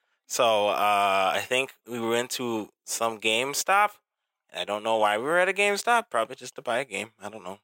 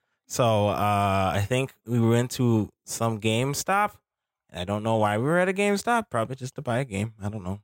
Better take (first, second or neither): second